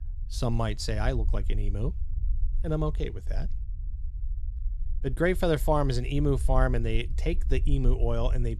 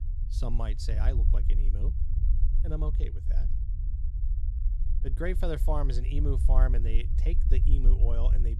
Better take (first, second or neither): first